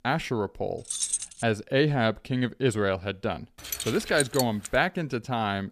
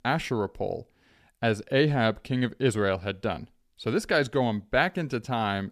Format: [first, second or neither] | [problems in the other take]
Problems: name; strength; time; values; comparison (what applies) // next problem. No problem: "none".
second | jangling keys; loud; at 1 s; peak level with the speech // jangling keys; noticeable; from 3.5 to 4.5 s; peak 2 dB below the speech